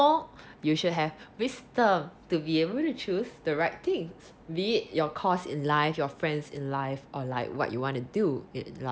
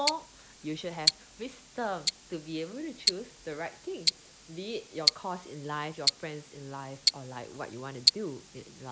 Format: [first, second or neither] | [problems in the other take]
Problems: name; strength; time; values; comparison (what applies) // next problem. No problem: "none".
first | background sound (Tick-tock); 4 dB above the speech